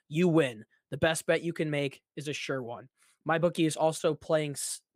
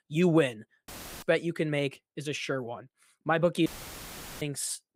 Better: first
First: none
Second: audio cutting out; filled with static; at 1 s and at 3.5 s for 1 s

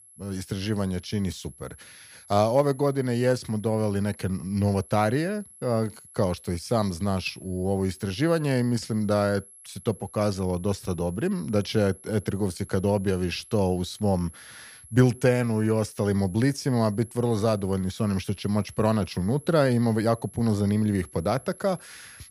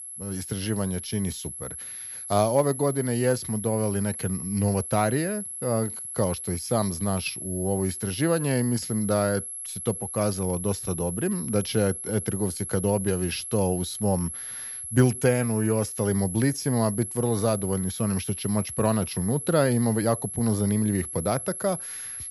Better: first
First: high-pitched whine; faint; throughout; 11 kHz, 20 dB below the speech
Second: high-pitched whine; loud; throughout; 11 kHz, 7 dB below the speech

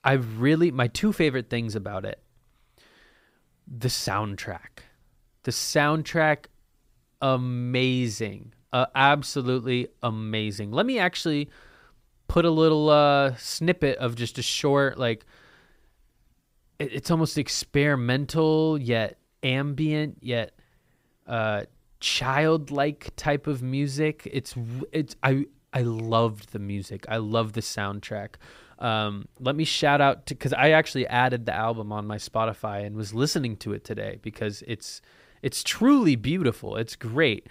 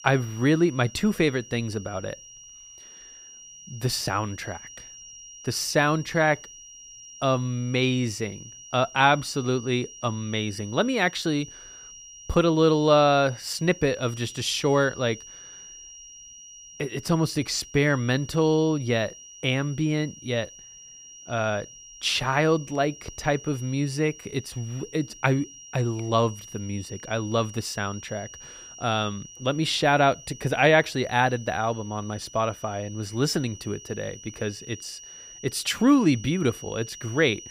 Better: first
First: none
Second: high-pitched whine; noticeable; throughout; 5.5 kHz, 15 dB below the speech

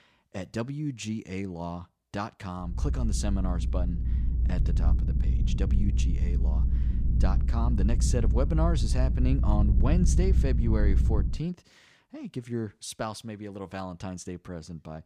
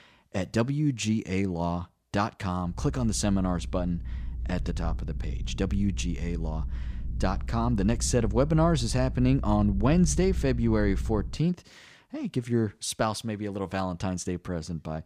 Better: second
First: low rumble; loud; from 2.5 to 11 s; 7 dB below the speech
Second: low rumble; faint; from 2.5 to 11 s; 20 dB below the speech

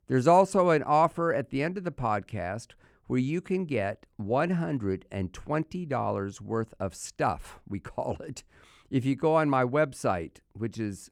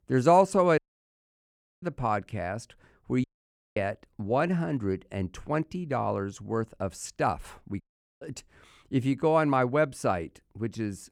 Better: first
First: none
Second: audio cutting out; at 1 s for 1 s, at 3 s for 0.5 s and at 8 s

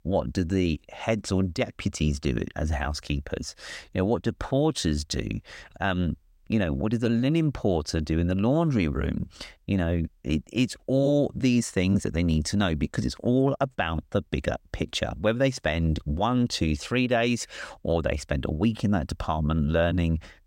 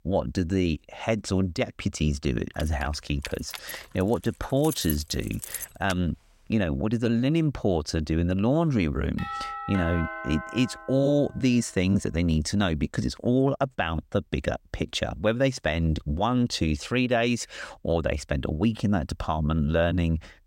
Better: first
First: none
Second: jangling keys; noticeable; from 2.5 to 6 s; peak 7 dB below the speech // doorbell; noticeable; from 9 to 11 s; peak 6 dB below the speech

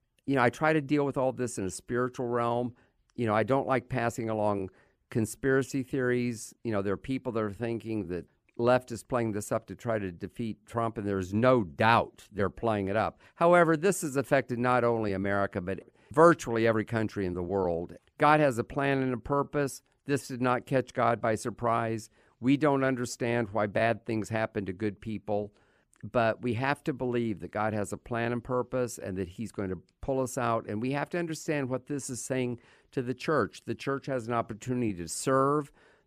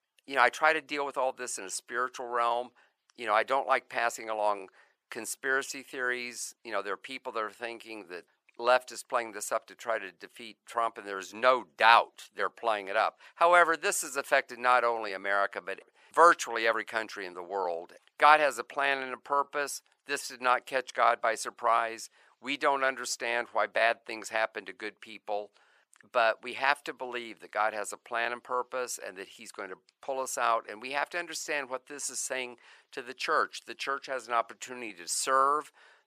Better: first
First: none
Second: thin; very; fading below 850 Hz

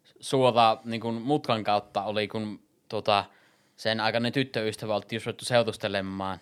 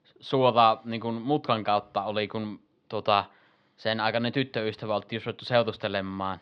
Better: first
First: none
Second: muffled; very slightly; fading above 4 kHz

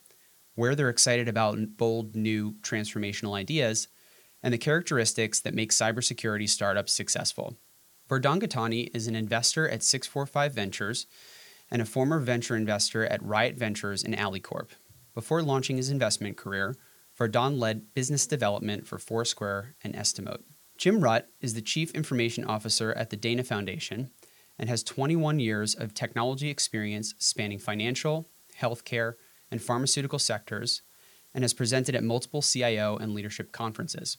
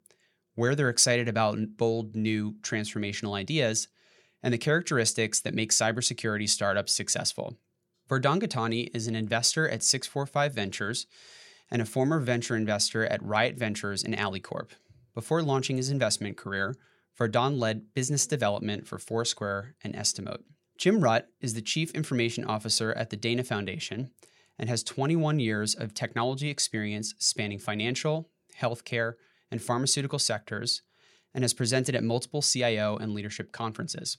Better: second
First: hiss; faint; throughout; 30 dB below the speech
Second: none

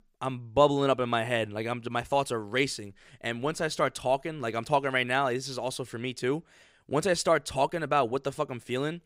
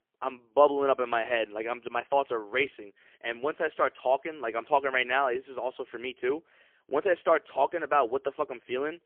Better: first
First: none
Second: phone-call audio; poor line; nothing above 3 kHz

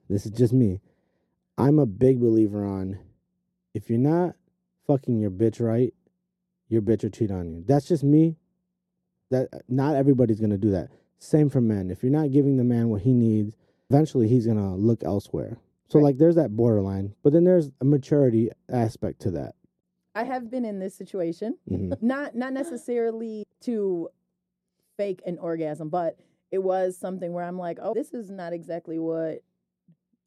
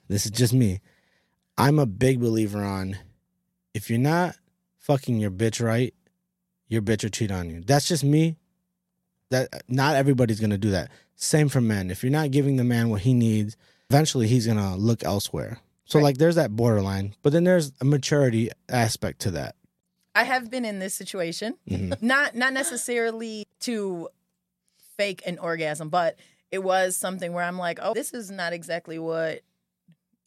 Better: second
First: muffled; very; fading above 1 kHz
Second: none

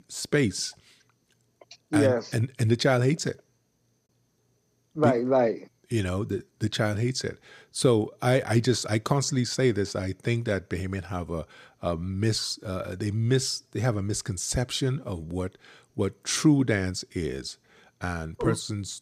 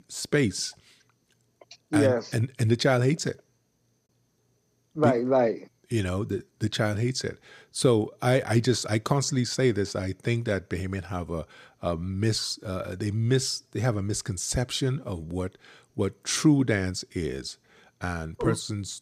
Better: neither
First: none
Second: none

